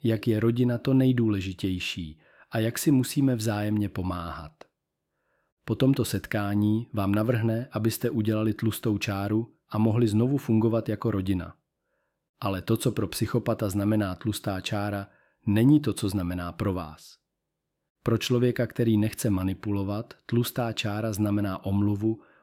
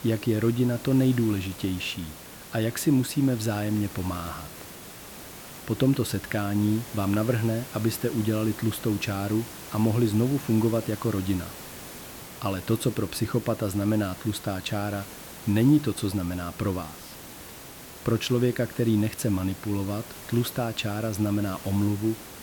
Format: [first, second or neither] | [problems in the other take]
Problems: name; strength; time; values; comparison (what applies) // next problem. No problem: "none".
first | hiss; noticeable; throughout; 15 dB below the speech